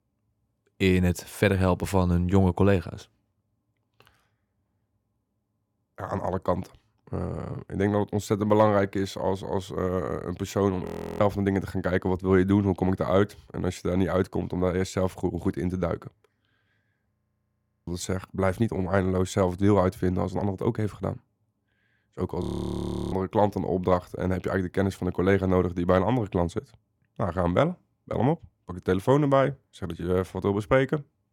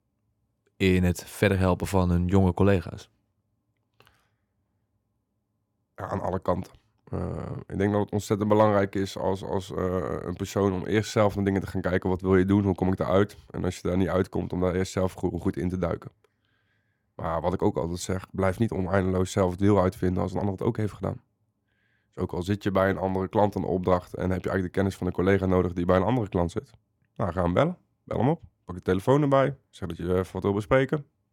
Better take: second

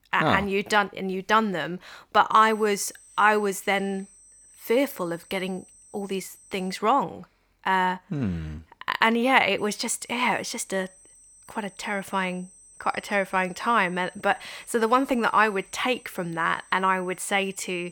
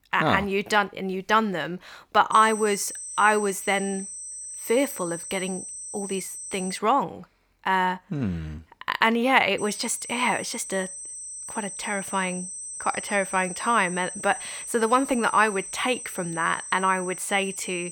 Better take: first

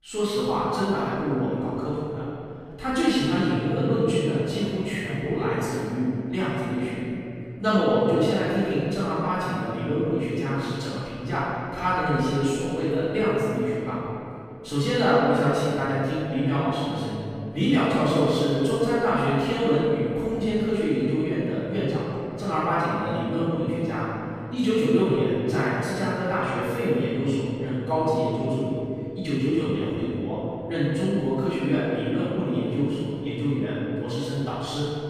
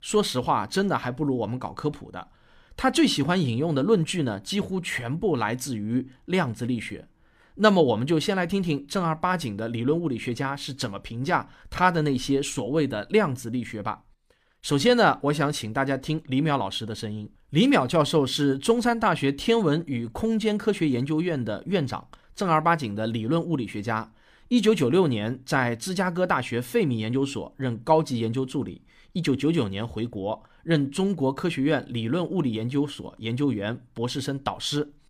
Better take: second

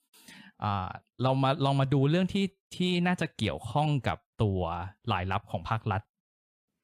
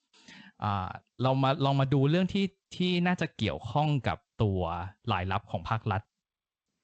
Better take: first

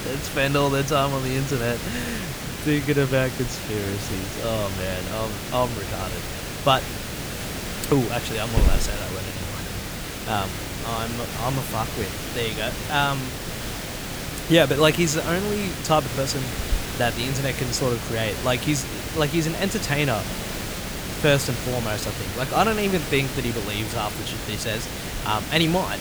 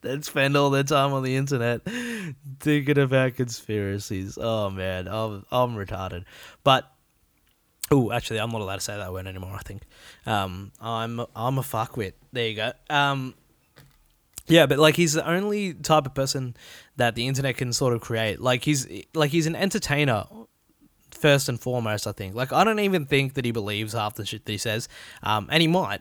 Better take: second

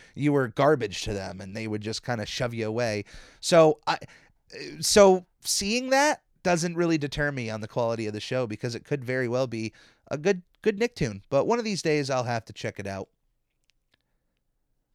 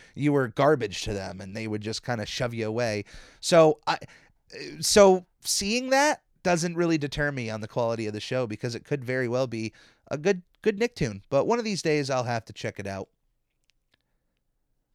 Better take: neither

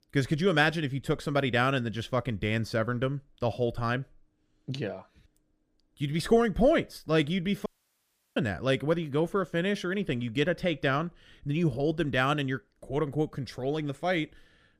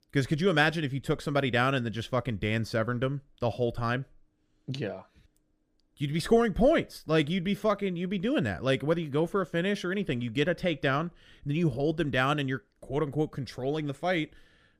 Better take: second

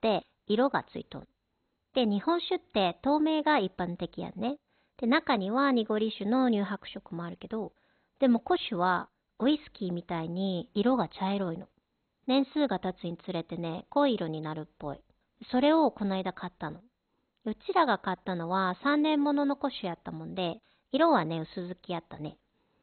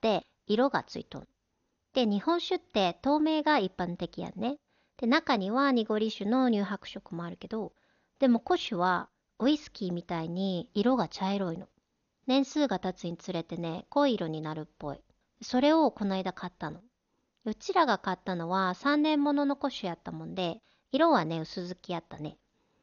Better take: second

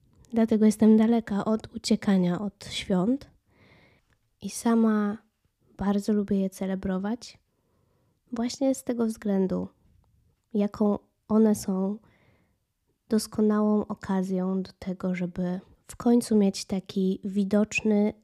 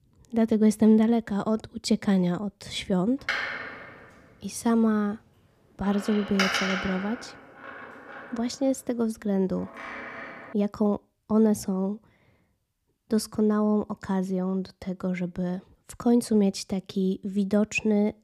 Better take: first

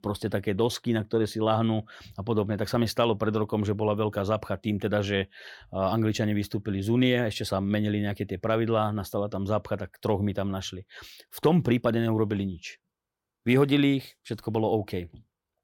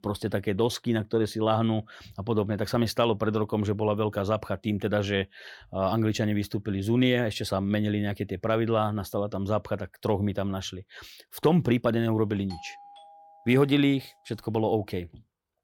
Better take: first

